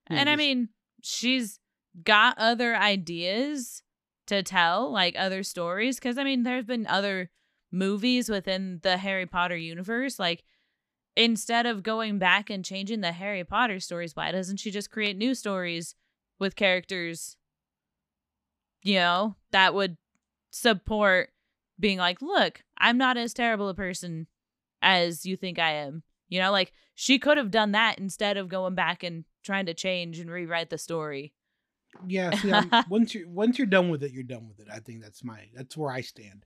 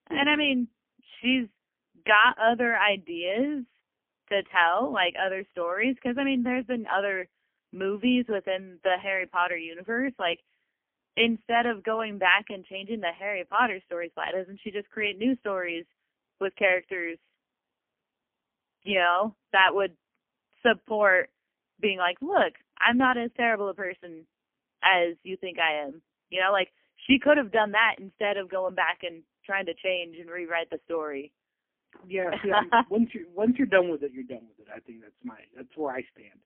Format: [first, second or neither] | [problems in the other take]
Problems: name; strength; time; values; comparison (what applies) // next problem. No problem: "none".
first | phone-call audio; poor line; nothing above 3 kHz